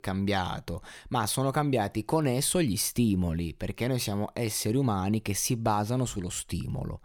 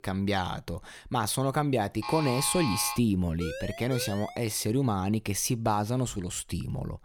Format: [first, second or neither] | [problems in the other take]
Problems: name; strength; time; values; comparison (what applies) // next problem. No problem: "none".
first | alarm; noticeable; at 2 s; peak 4 dB below the speech // siren; noticeable; from 3.5 to 4.5 s; peak 9 dB below the speech